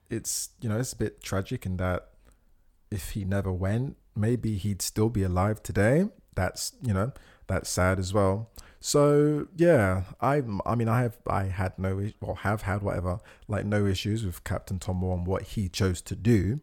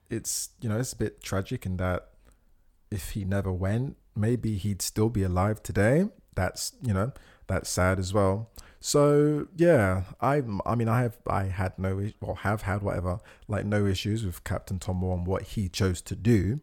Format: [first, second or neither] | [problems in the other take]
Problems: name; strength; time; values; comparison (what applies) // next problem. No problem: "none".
neither | none